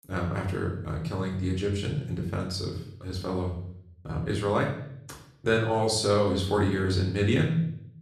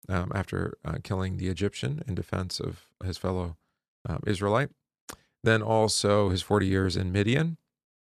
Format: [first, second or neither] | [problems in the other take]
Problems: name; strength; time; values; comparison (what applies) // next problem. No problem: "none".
second | room echo; noticeable; dies away in 0.6 s // off-mic speech; far